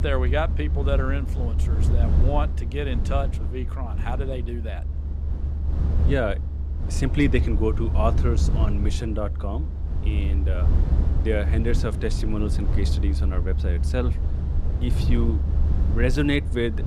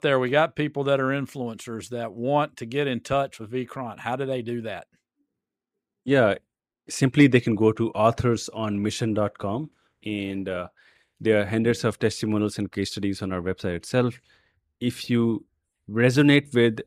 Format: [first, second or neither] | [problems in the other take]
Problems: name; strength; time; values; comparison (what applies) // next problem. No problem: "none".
second | low rumble; loud; throughout; 9 dB below the speech